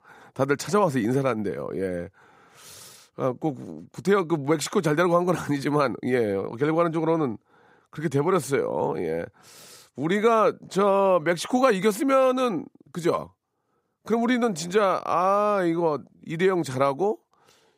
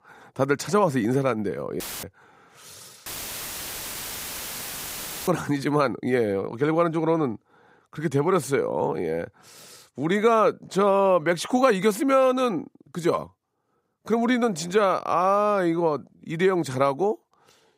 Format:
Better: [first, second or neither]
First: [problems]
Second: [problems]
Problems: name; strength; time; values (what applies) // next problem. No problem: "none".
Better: first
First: none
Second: audio cutting out; filled with static; at 2 s and at 3 s for 2 s